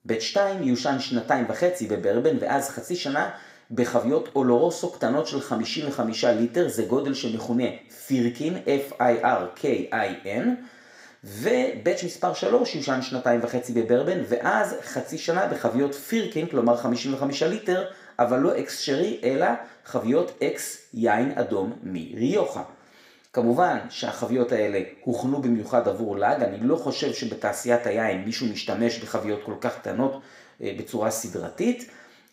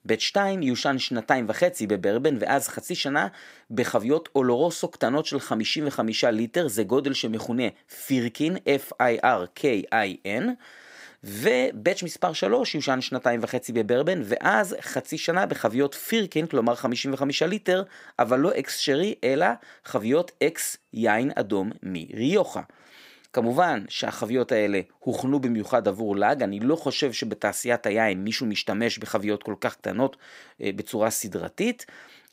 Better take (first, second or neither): second